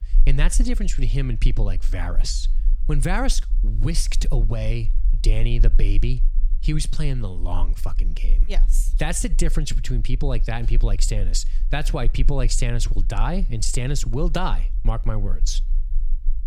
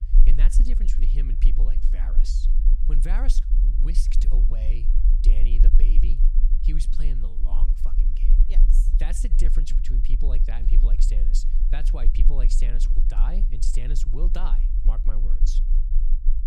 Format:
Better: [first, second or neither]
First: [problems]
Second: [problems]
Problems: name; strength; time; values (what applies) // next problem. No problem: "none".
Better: first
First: low rumble; faint; throughout; 20 dB below the speech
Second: low rumble; loud; throughout; 6 dB below the speech